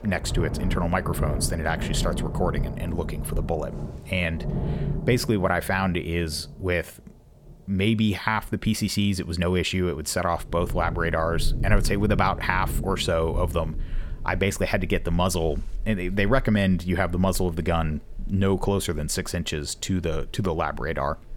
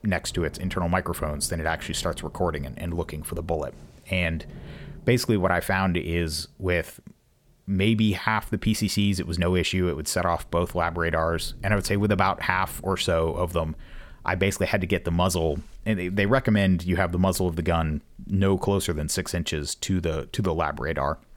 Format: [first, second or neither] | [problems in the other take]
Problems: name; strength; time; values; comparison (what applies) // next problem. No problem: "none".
second | rain or running water; loud; throughout; 7 dB below the speech; faint in the second